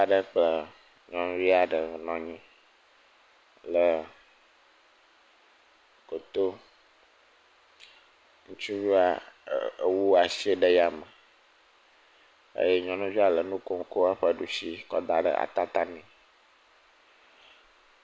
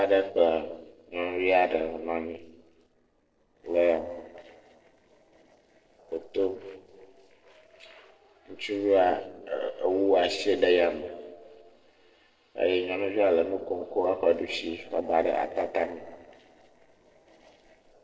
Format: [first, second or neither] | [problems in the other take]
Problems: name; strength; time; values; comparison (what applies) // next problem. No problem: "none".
first | noise reduction (neural separator model SepFormer DNS4)